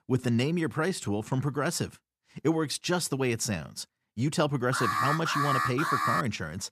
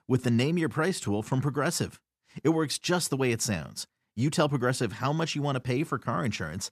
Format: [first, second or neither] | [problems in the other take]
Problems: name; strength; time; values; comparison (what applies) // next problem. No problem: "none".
second | alarm; loud; from 4.5 to 6 s; peak 2 dB above the speech